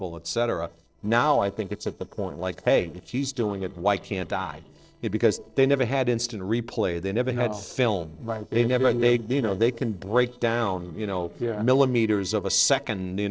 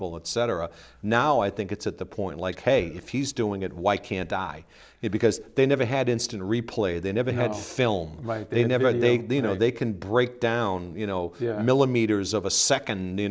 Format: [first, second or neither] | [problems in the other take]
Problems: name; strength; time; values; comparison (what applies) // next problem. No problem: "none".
second | noise reduction (neural separator model SepFormer DNS4)